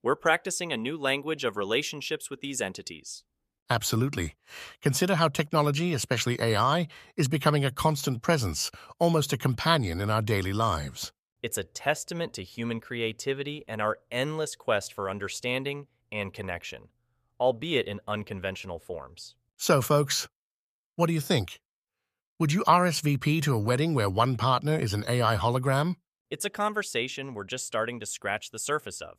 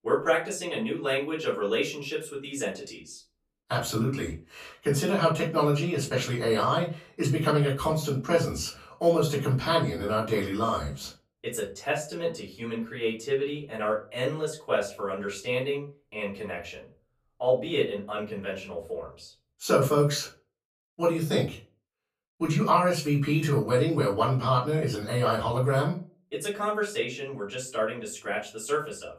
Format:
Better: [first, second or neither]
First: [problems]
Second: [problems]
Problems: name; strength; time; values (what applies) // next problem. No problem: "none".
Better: first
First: none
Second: room echo; slight; dies away in 0.3 s // off-mic speech; far